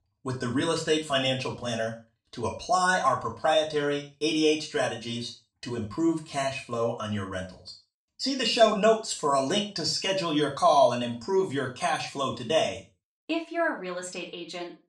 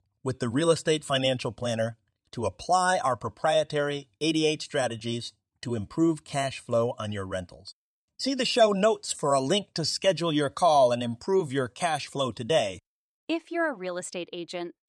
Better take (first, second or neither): second